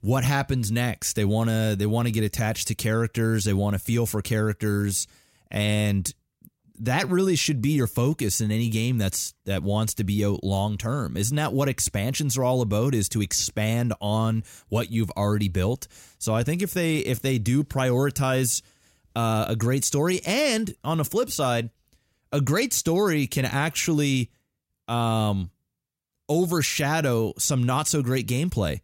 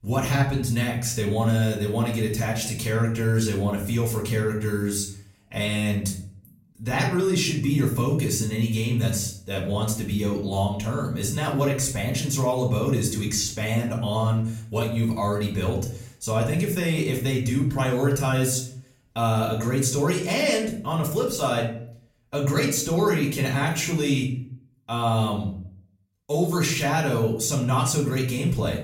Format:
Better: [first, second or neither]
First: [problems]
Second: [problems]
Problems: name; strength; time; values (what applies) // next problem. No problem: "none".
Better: first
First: none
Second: off-mic speech; far // room echo; slight; dies away in 0.5 s